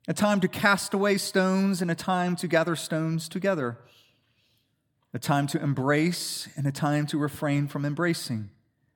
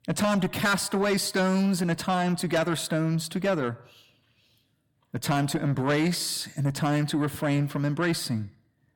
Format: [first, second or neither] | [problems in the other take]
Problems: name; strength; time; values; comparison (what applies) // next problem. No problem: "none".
first | distortion; slight; 10 dB below the speech